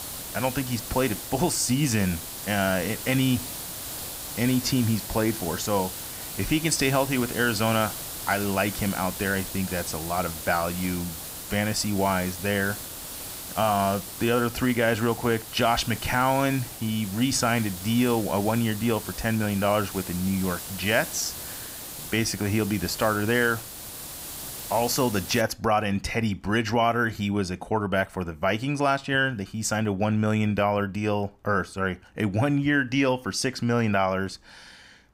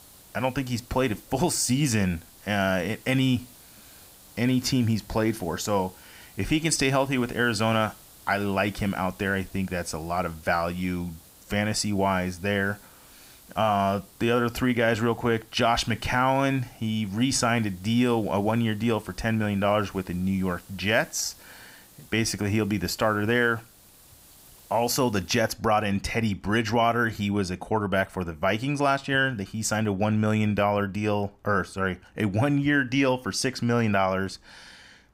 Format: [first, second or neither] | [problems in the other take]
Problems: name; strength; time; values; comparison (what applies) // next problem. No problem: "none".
second | hiss; loud; until 25 s; 9 dB below the speech; faint in the second